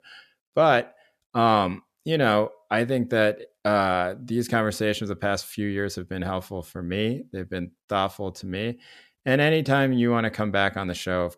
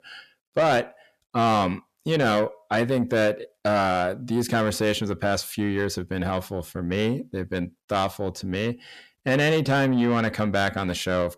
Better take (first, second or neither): first